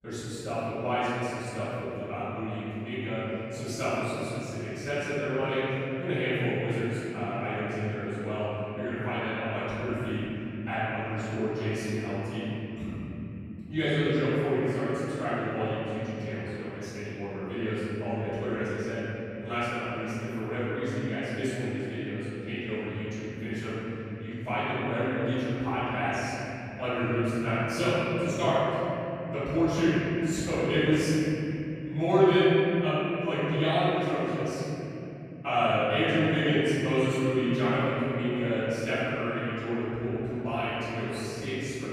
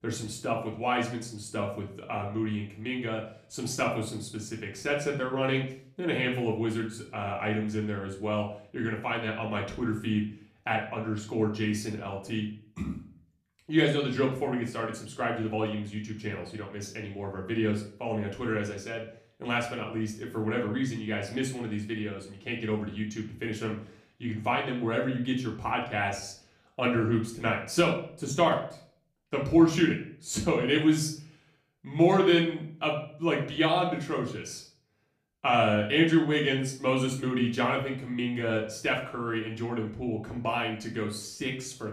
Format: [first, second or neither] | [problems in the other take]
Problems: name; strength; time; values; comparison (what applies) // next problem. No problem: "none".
second | room echo; strong; dies away in 3 s; slight in the second // off-mic speech; far; far in the second